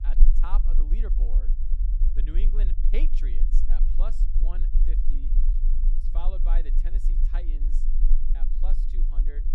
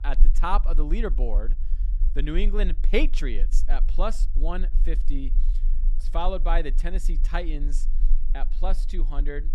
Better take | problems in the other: second | low rumble; loud; throughout; 7 dB below the speech; faint in the second

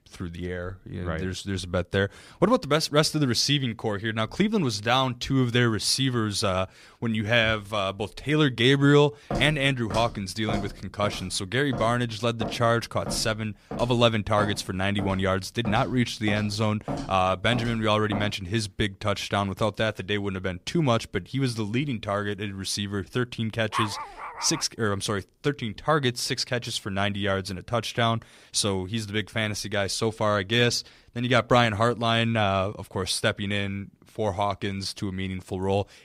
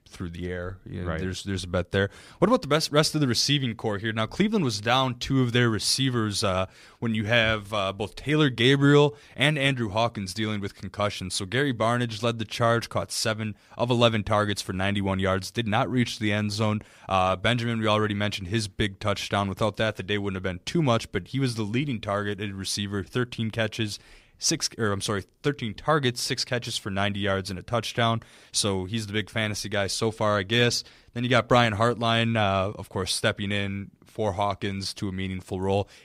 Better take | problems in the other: second | footsteps; noticeable; from 9.5 to 18 s; peak 7 dB below the speech // dog barking; noticeable; at 24 s; peak 4 dB below the speech

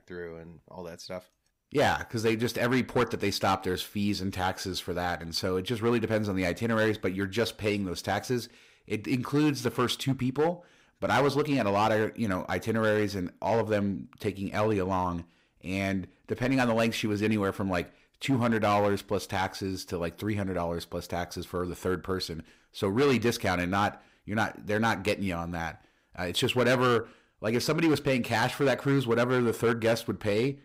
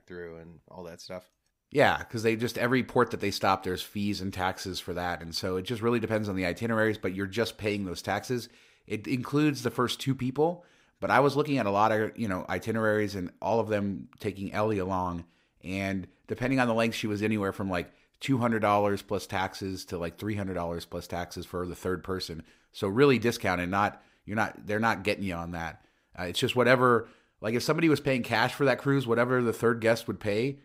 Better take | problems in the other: second | distortion; slight; 5% of the sound clipped

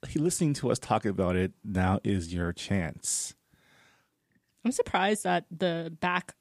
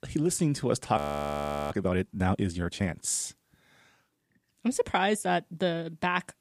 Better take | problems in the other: first | audio freezing; at 1 s for 0.5 s

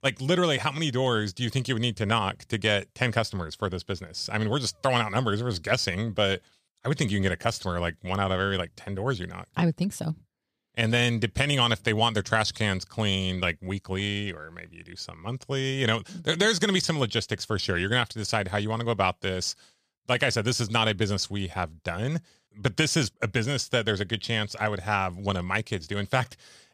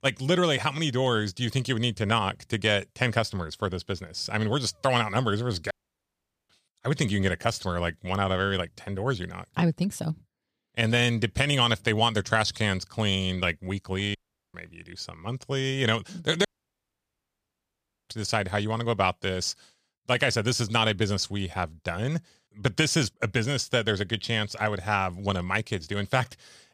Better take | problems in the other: first | audio cutting out; at 5.5 s for 1 s, at 14 s and at 16 s for 1.5 s

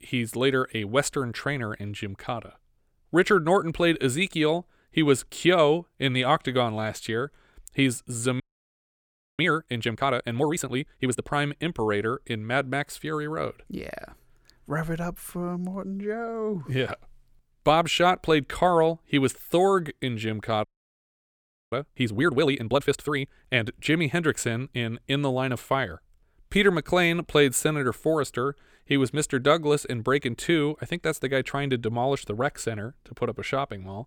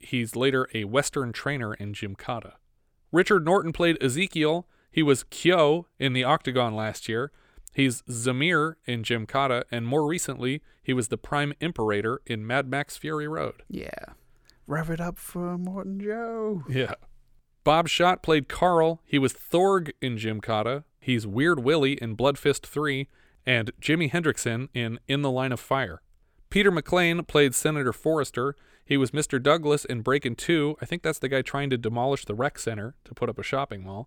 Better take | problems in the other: second | audio freezing; at 8.5 s for 1 s and at 21 s for 1 s

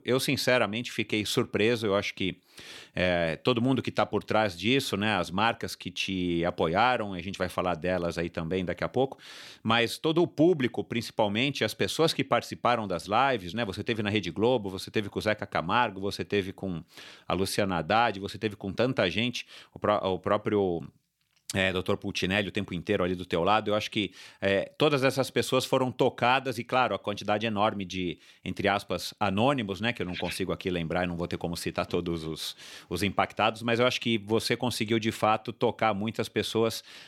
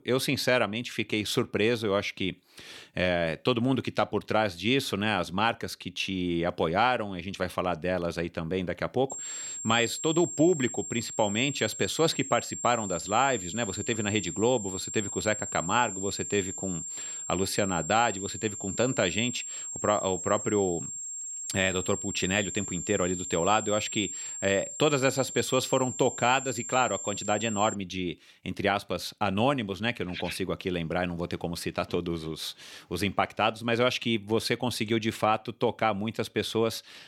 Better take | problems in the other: first | high-pitched whine; loud; from 9 to 28 s; 7.5 kHz, 7 dB below the speech

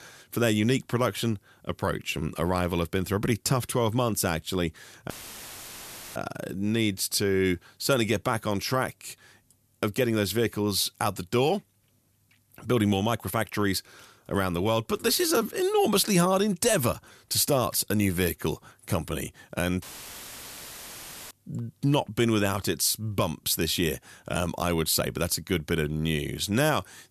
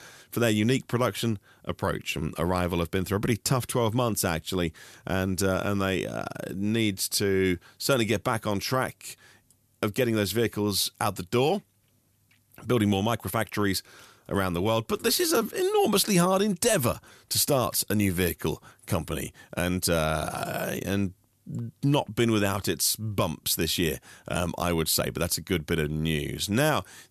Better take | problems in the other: second | audio cutting out; filled with static; at 5 s for 1 s and at 20 s for 1.5 s

